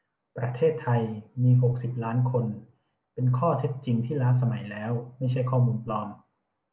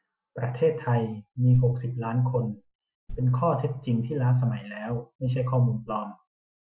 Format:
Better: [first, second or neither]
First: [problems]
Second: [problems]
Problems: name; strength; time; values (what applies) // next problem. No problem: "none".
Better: first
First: none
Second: noise reduction (classical method Wiener filter)